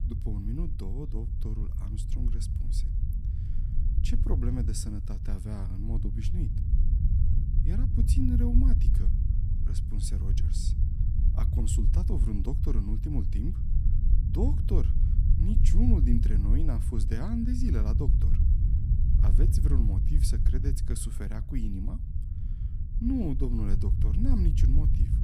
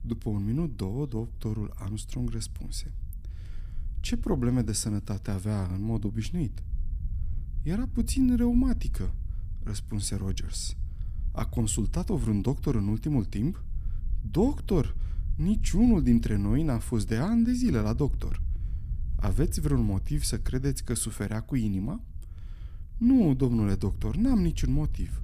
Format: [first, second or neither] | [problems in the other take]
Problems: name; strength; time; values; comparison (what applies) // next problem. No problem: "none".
second | low rumble; loud; throughout; 5 dB below the speech; faint in the second